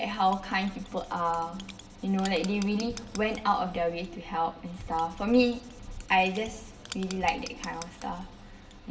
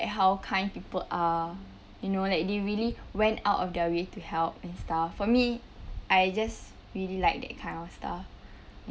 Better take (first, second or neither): second